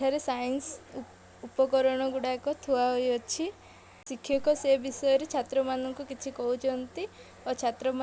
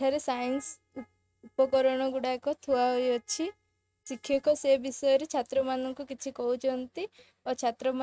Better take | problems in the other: first | noise reduction (neural mask model RNNoise)

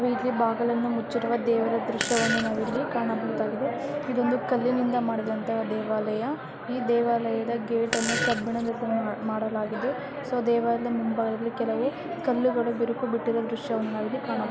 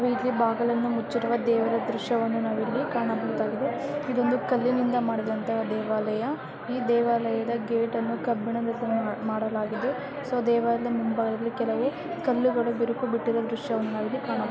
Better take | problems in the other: second | background sound (Fart); 4 dB below the speech

